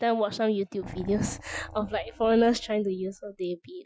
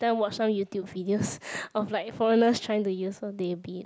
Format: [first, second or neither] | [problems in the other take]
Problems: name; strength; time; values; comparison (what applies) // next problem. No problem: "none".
second | noise reduction (classical method Wiener filter)